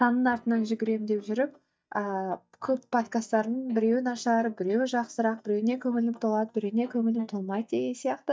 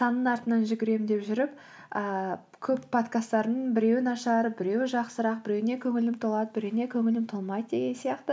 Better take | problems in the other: second | noise reduction (neural mask model DeepFilterNet 3)

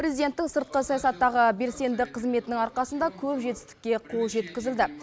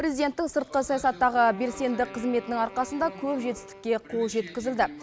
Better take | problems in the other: first | background sound (Wind instrument, woodwind instrument); 18 dB below the speech

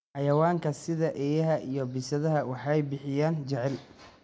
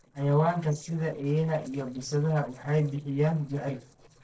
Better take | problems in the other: first | noise reduction (neural separator model SepFormer DNS4)

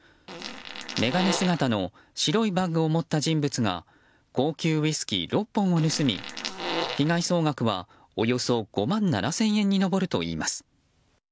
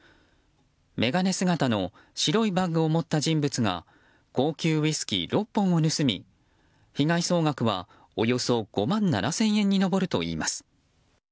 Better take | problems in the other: second | background sound (Fart); 7 dB below the speech

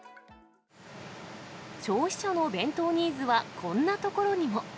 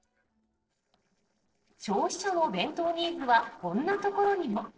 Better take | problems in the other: first | noise reduction (neural separator model SepFormer DNS4)

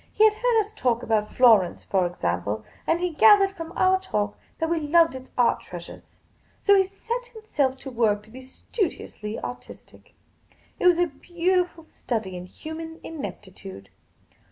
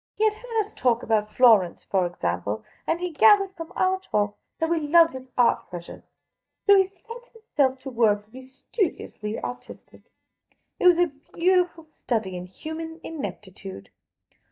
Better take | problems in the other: first | noise reduction (neural mask model DeepFilterNet 3)

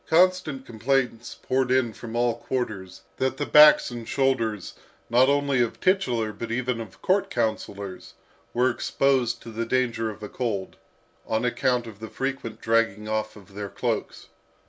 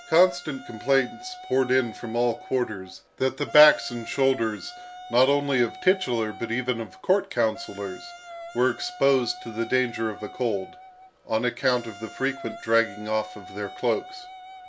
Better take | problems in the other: first | background sound (Wind instrument, woodwind instrument); 17 dB below the speech

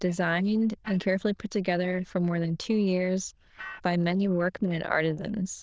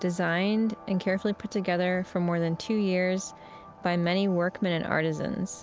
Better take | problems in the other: second | noise reduction (neural diffusion model UNIVERSE++)

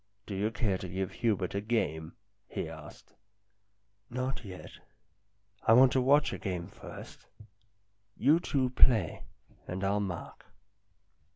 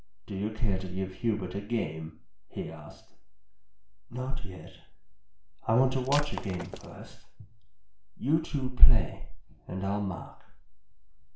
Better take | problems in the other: first | background sound (Shatter); 13 dB below the speech // room echo; dies away in 0.4 s

